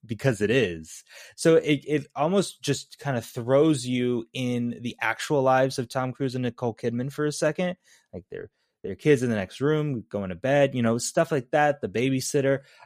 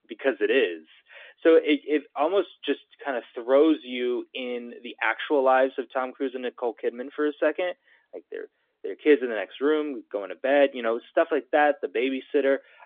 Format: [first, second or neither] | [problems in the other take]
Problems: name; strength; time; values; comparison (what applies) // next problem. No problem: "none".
first | phone-call audio; nothing above 3.5 kHz